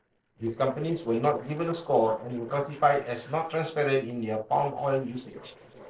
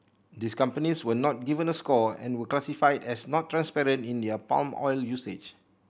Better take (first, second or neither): second